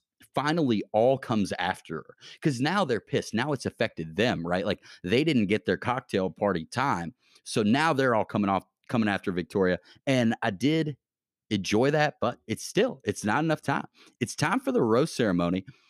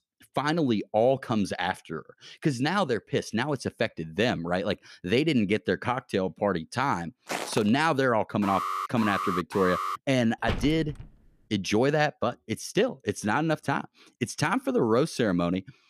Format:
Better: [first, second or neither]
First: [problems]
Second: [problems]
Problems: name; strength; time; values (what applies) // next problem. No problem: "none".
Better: first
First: none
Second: footsteps; noticeable; at 7.5 s; peak 6 dB below the speech // alarm; noticeable; from 8.5 to 10 s; peak 3 dB below the speech // door banging; noticeable; at 10 s; peak 6 dB below the speech